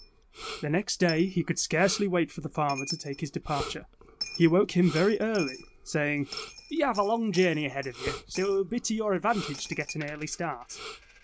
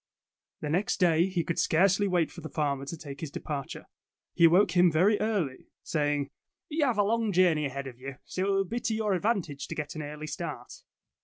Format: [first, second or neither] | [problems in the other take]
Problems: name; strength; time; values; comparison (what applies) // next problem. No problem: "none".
second | background sound (Coin (dropping) + Respiratory sounds); 14 dB below the speech